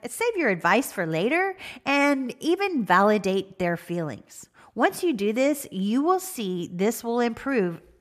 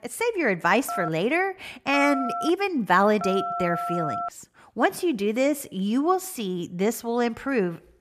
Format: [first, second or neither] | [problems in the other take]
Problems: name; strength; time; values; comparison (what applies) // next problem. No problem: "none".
first | phone ringing; noticeable; from 1 to 4.5 s; peak 4 dB below the speech